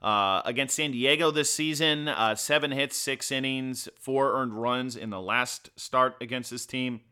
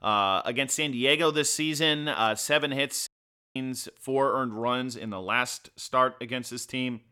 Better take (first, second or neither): first